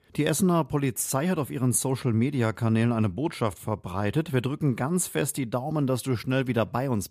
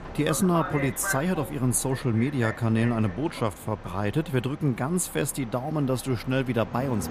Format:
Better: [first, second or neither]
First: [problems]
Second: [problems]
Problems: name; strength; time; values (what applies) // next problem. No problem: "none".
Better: first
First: none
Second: train or aircraft noise; noticeable; throughout; 10 dB below the speech